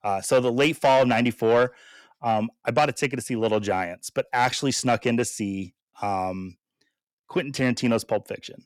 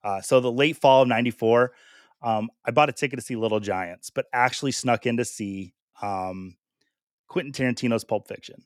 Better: second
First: distortion; slight; 10 dB below the speech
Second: none

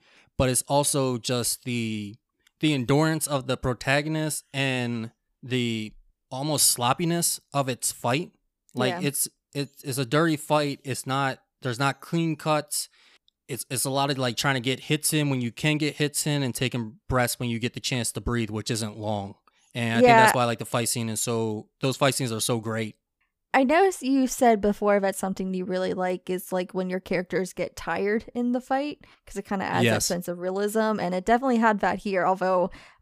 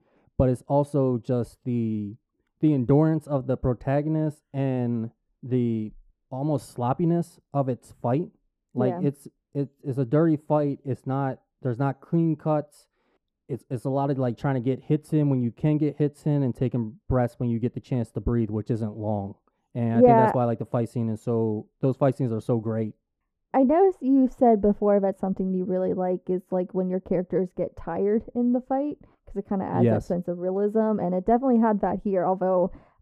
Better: first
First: none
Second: muffled; very; fading above 1.5 kHz

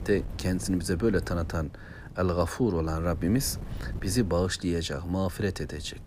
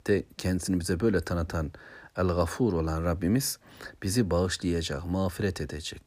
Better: second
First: wind noise on the microphone; occasional gusts; 20 dB below the speech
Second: none

